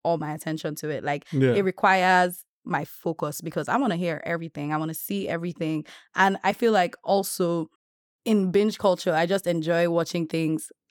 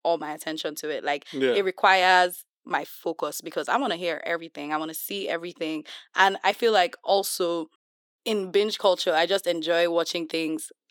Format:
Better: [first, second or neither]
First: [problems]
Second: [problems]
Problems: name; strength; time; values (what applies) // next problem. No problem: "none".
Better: first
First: none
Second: thin; somewhat; fading below 300 Hz